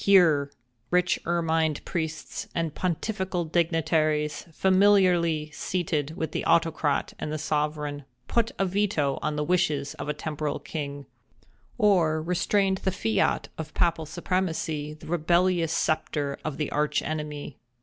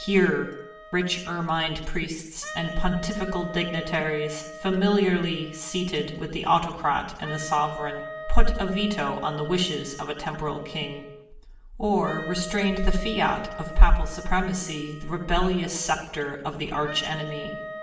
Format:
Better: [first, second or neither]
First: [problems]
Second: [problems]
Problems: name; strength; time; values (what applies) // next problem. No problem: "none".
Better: first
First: none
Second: background sound (Wind instrument, woodwind instrument); 15 dB below the speech // room echo; dies away in 0.8 s